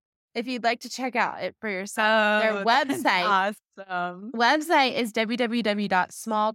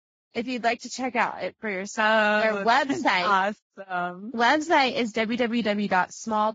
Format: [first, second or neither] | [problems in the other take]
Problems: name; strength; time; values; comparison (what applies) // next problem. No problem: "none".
first | garbled, watery; badly; nothing above 7.5 kHz